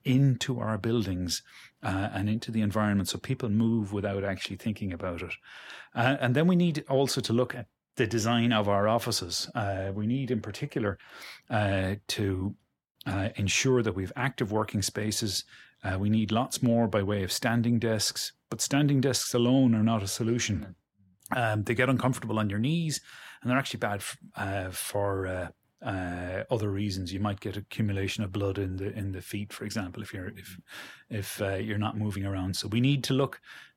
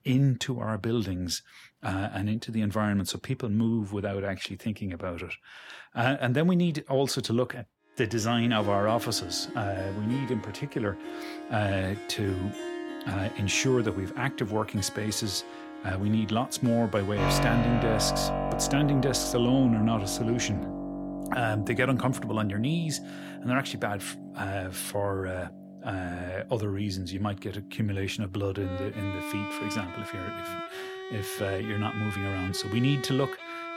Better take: first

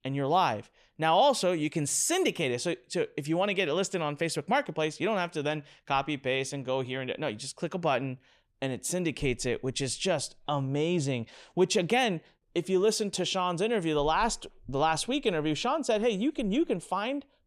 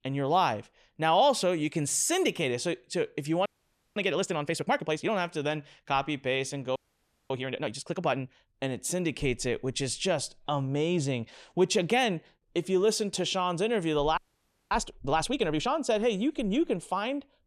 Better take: first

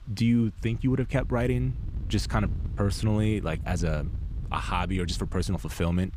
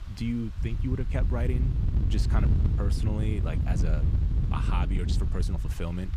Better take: first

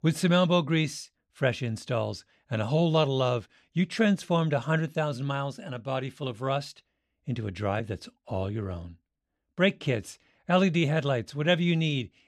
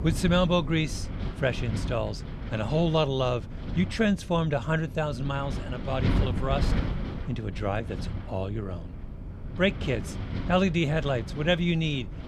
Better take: first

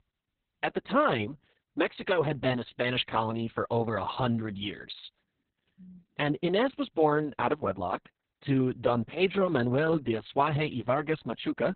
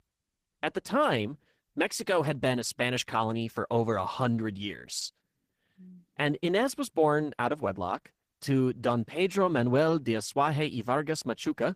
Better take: second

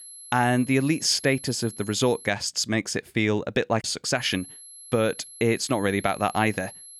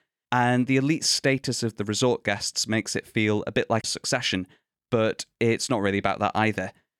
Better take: second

